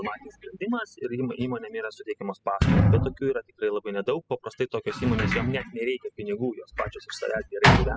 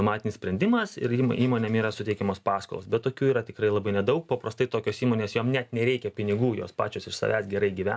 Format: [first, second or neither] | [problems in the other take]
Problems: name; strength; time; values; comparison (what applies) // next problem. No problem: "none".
second | noise reduction (classical method spectral subtraction)